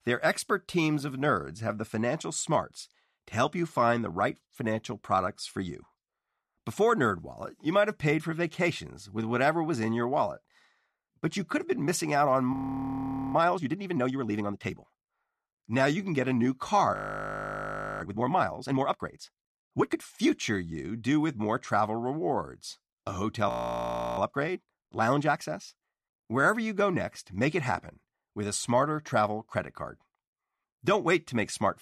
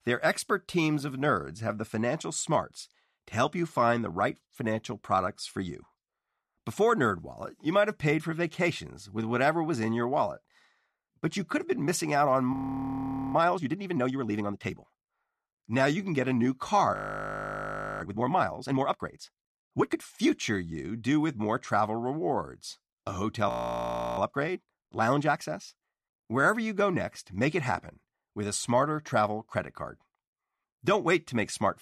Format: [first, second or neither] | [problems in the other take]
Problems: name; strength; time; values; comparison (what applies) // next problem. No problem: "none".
neither | audio freezing; at 13 s for 1 s, at 17 s for 1 s and at 23 s for 0.5 s; the same in both